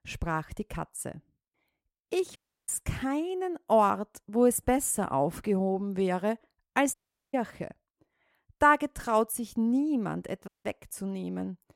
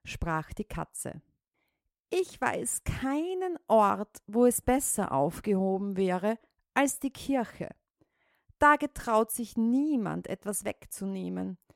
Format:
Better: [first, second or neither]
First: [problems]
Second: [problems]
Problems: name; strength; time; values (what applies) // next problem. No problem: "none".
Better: second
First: audio cutting out; at 2.5 s, at 7 s and at 10 s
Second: none